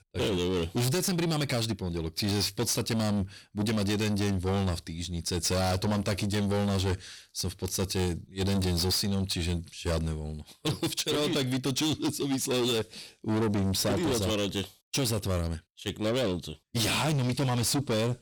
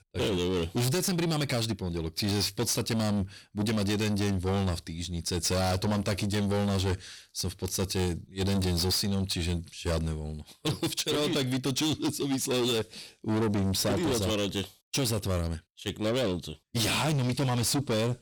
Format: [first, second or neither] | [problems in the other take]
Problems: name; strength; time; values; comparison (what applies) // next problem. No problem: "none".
neither | distortion; heavy; 7 dB below the speech; the same in both